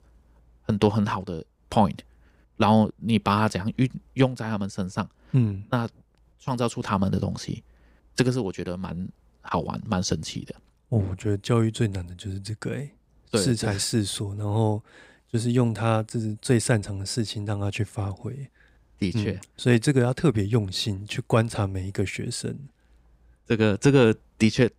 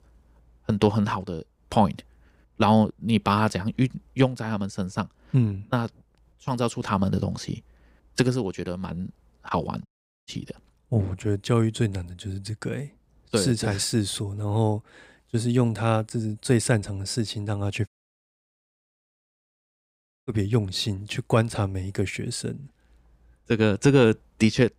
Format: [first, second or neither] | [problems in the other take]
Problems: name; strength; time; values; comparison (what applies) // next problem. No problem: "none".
first | audio cutting out; at 10 s and at 18 s for 2.5 s